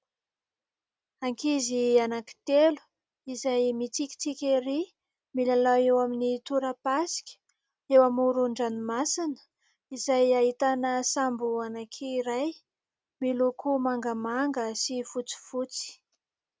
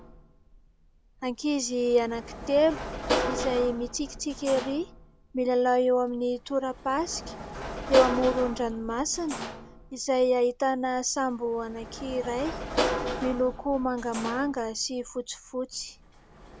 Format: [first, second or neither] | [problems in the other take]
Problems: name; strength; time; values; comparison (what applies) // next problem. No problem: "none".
first | background sound (Sliding door / Slam); 7 dB below the speech